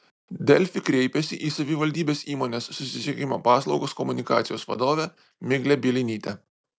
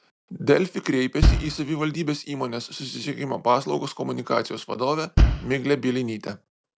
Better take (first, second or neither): first